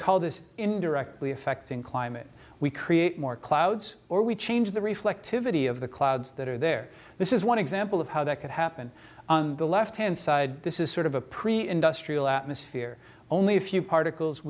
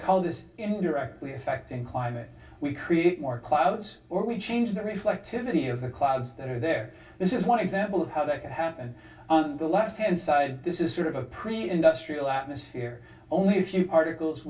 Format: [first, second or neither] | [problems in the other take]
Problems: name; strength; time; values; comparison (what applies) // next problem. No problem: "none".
first | room echo; dies away in 0.2 s